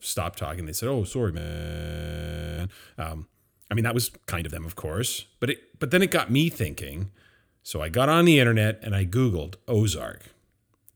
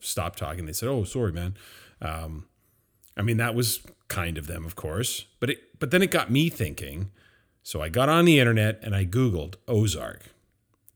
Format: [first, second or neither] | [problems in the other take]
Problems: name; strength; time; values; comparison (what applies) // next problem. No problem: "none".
second | audio freezing; at 1.5 s for 1 s